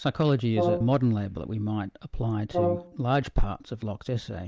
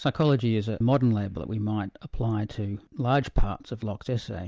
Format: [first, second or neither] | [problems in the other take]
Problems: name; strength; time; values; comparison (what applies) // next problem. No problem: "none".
second | background sound (Brass instrument); 6 dB below the speech